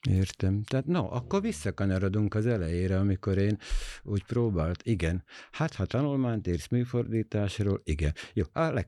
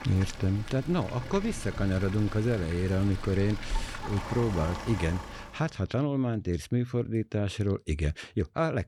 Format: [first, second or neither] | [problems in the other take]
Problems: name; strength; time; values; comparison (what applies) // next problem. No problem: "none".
first | animal sounds; noticeable; until 5.5 s; 10 dB below the speech